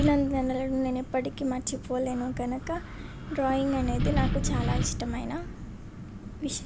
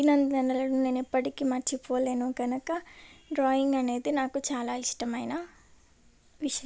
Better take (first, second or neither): second